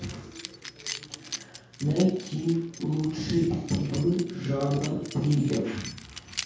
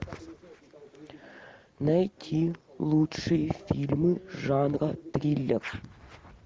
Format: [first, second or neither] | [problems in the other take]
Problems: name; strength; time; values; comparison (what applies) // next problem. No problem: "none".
second | background sound (Keys jangling); 14 dB below the speech // room echo; dies away in 0.6 s